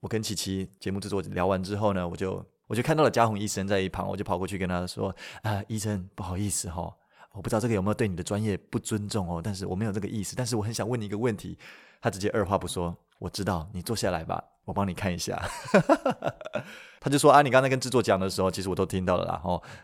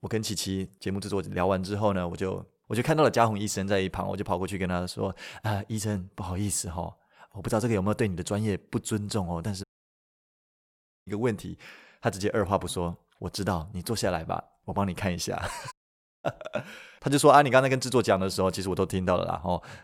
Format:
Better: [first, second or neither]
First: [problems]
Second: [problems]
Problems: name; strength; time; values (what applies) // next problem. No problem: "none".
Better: first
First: none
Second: audio cutting out; at 9.5 s for 1.5 s and at 16 s for 0.5 s